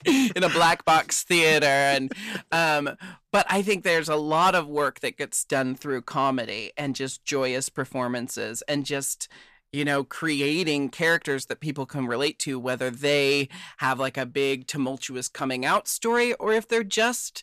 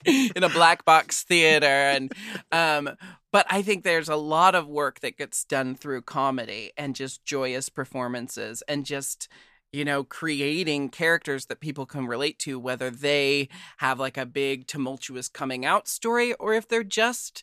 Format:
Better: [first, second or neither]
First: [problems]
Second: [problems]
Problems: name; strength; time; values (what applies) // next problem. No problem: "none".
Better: second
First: distortion; slight; 10 dB below the speech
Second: none